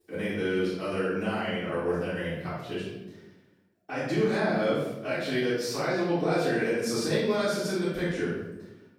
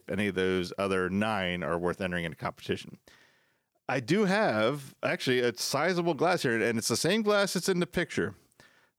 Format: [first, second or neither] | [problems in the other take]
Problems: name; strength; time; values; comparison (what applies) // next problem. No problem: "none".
second | off-mic speech; far // room echo; strong; dies away in 0.9 s